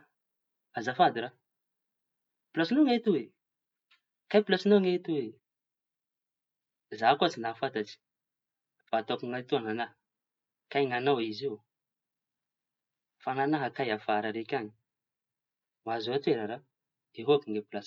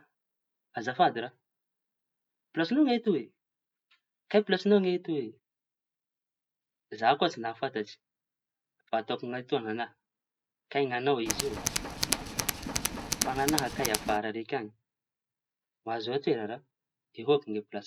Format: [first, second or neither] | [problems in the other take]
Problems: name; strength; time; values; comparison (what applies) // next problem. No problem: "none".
first | background sound (Tools); 1 dB below the speech